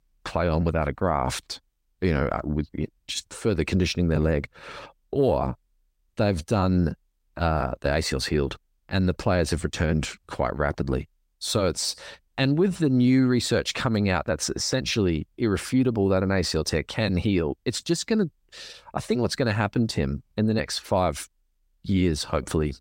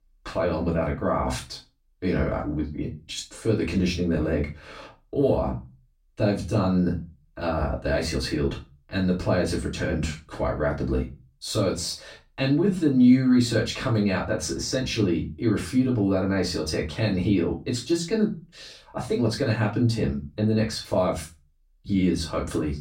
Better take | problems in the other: first | off-mic speech; far // room echo; slight; dies away in 0.3 s

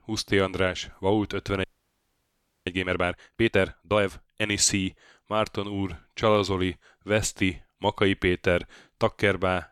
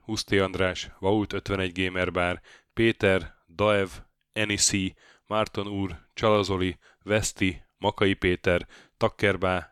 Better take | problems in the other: second | audio freezing; at 1.5 s for 1 s

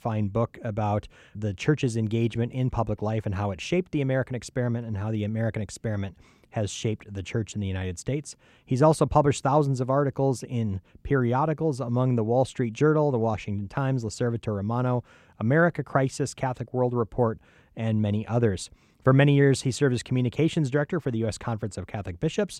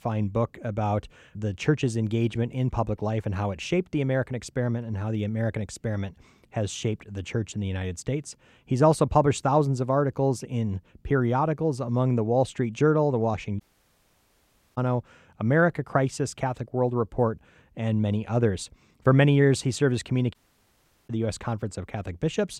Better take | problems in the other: first | audio cutting out; at 14 s for 1 s and at 20 s for 1 s

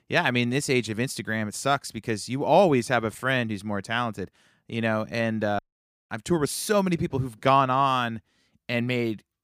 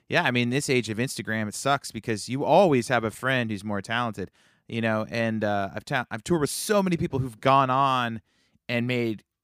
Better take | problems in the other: second | audio cutting out; at 5.5 s for 0.5 s

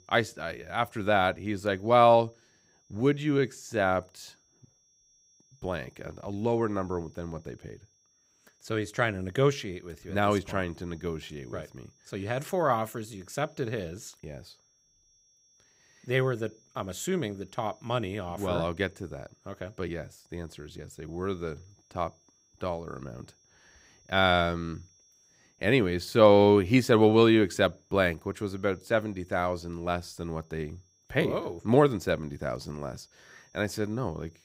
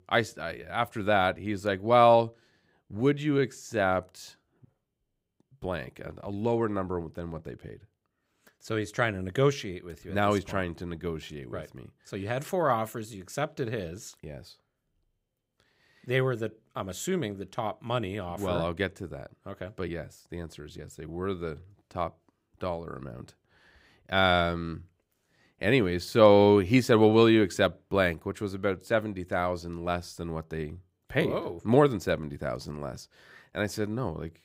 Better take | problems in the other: second | high-pitched whine; faint; throughout; 5.5 kHz, 35 dB below the speech

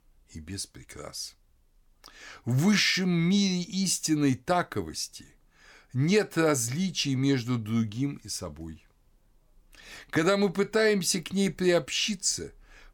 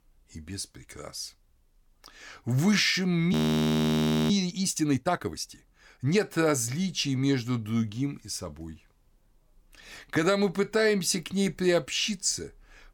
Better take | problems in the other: first | audio freezing; at 3.5 s for 1 s

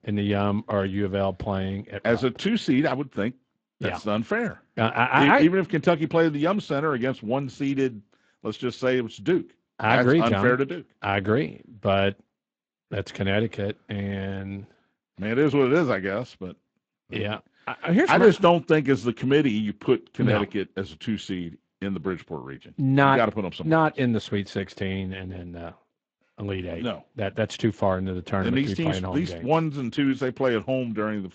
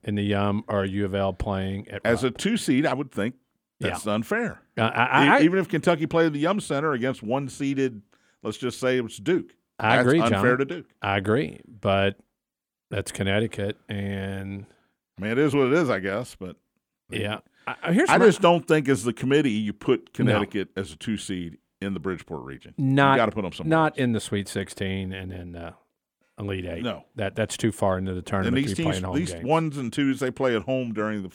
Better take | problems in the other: second | garbled, watery; slightly; nothing above 7.5 kHz

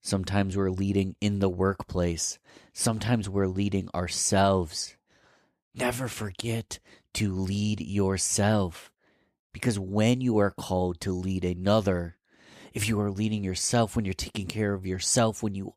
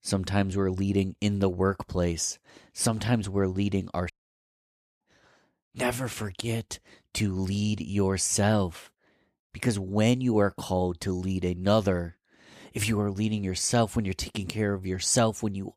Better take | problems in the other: first | audio cutting out; at 4 s for 1 s

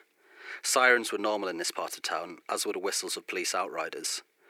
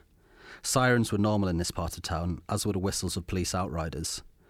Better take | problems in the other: second | thin; very; fading below 350 Hz

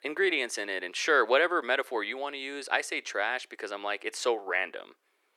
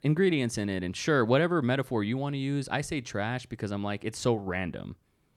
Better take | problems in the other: second | thin; very; fading below 400 Hz

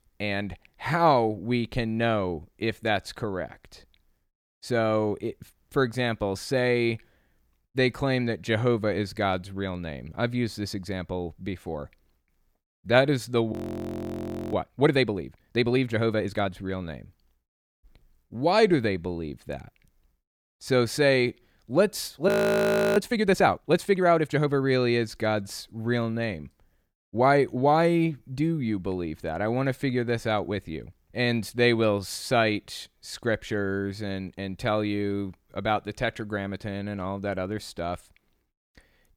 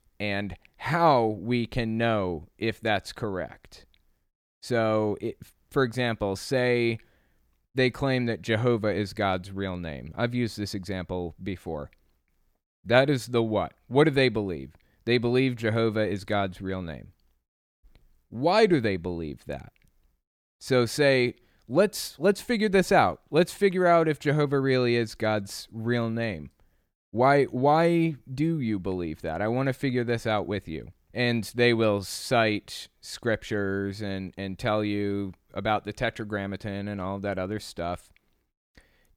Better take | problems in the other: second | audio freezing; at 14 s for 1 s and at 22 s for 0.5 s

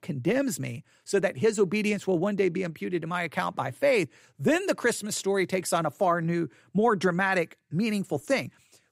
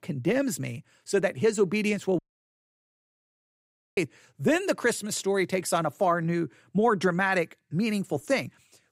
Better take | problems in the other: first | audio cutting out; at 2 s for 2 s

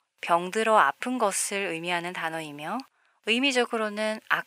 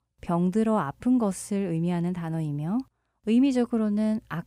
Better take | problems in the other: second | thin; very; fading below 700 Hz

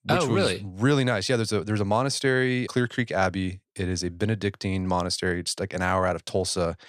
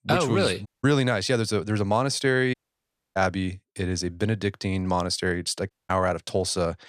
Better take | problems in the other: first | audio cutting out; at 0.5 s, at 2.5 s for 0.5 s and at 5.5 s

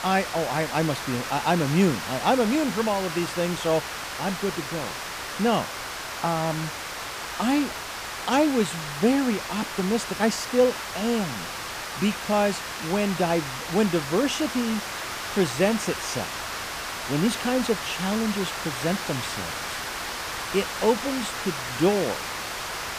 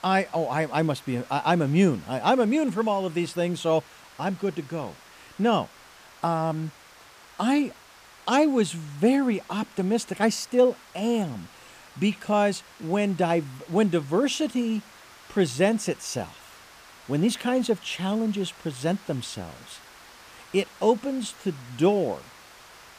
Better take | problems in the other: second | hiss; loud; throughout; 5 dB below the speech; faint in the second

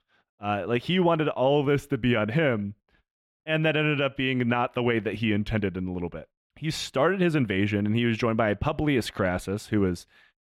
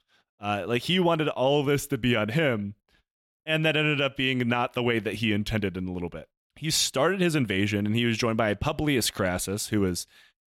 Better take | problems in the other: second | muffled; slightly; fading above 3.5 kHz

